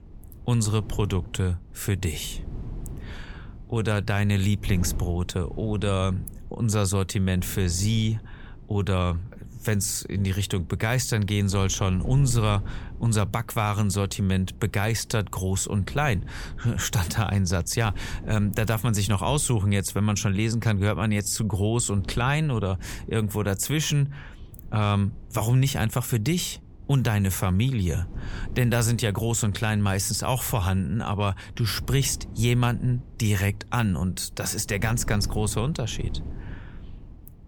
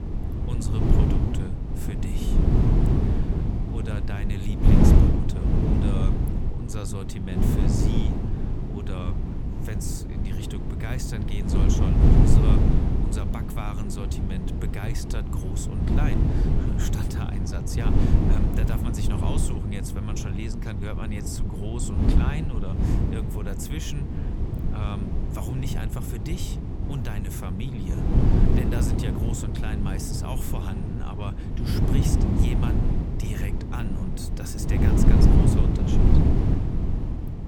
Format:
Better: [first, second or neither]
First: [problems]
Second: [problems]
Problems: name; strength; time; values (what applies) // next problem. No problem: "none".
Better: first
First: wind noise on the microphone; occasional gusts; 25 dB below the speech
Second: wind noise on the microphone; heavy; 4 dB above the speech